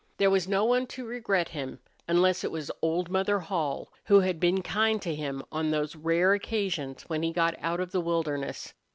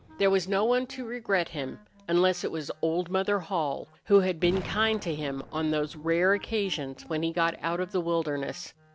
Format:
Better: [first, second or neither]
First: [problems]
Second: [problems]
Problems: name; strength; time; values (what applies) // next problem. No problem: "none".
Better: first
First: none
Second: background sound (Wind instrument, woodwind instrument + Boom); 19 dB below the speech